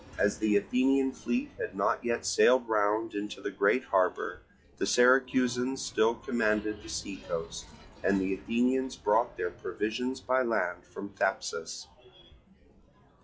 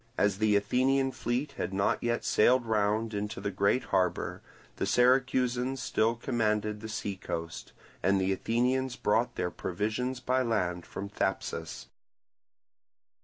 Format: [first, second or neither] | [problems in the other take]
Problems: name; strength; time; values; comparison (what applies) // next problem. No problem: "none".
second | noise reduction (classical method log-MMSE)